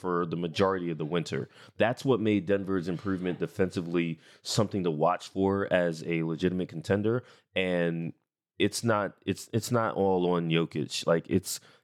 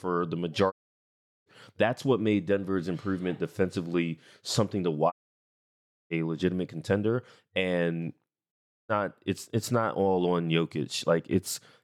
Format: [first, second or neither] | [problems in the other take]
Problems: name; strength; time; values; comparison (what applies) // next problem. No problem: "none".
first | audio cutting out; at 0.5 s for 0.5 s, at 5 s for 1 s and at 8.5 s